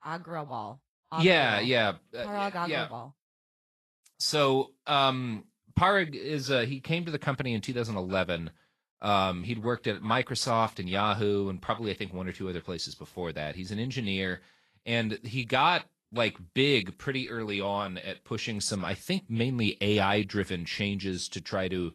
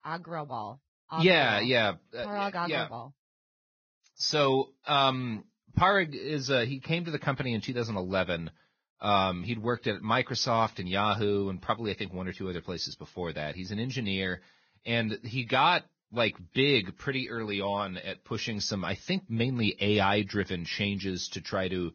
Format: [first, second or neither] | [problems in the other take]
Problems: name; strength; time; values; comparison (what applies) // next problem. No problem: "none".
first | garbled, watery; badly; nothing above 6 kHz; slightly in the first